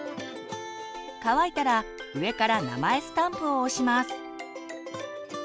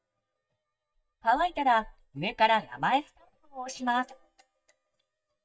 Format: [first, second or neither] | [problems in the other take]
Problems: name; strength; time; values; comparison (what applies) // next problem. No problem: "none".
first | noise reduction (neural mask model DeepFilterNet 3)